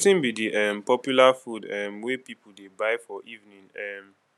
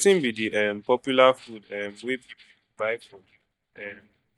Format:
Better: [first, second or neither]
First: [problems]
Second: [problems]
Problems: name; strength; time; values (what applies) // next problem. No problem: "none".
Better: first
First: none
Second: noise reduction (neural mask model DeepFilterNet 3)